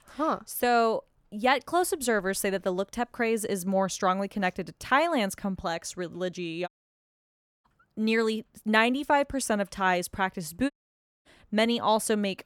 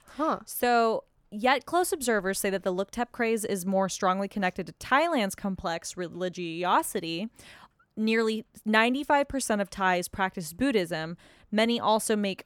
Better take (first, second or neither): second